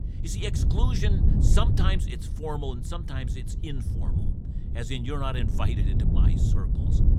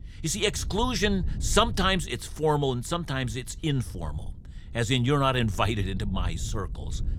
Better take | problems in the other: second | wind noise on the microphone; heavy; 5 dB below the speech; occasional gusts in the second

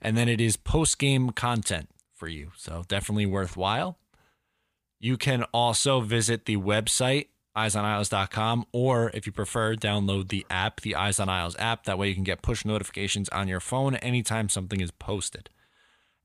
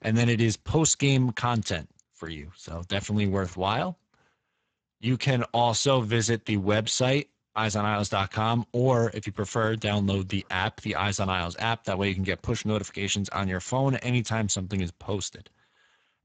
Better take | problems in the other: first | garbled, watery; badly; nothing above 7.5 kHz

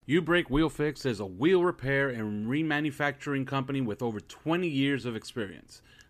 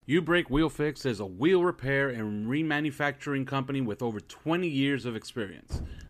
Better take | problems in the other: first | door banging; faint; at 5.5 s; peak 10 dB below the speech

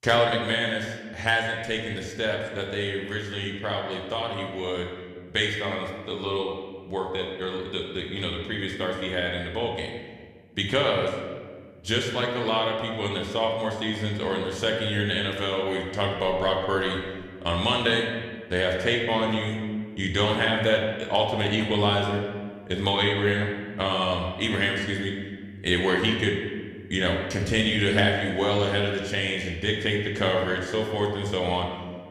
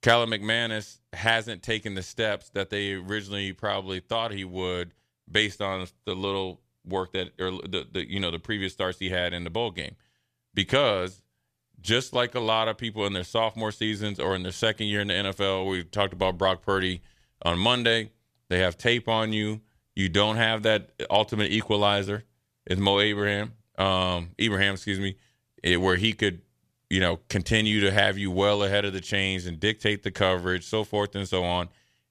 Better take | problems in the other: second | room echo; noticeable; dies away in 1.4 s

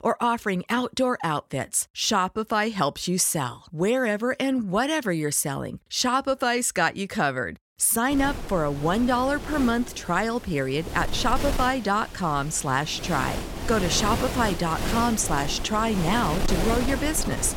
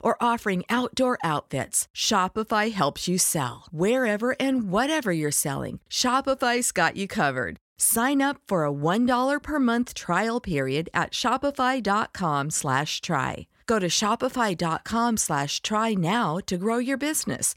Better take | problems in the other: second | wind noise on the microphone; heavy; from 8 s on; 9 dB below the speech

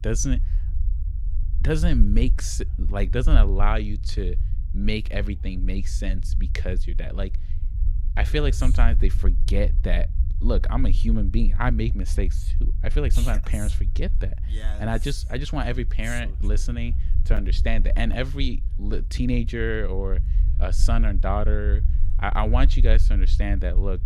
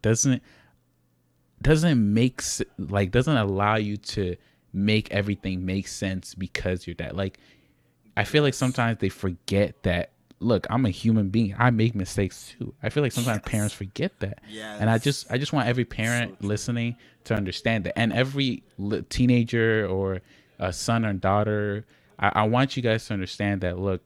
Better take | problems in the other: second | low rumble; noticeable; throughout; 15 dB below the speech

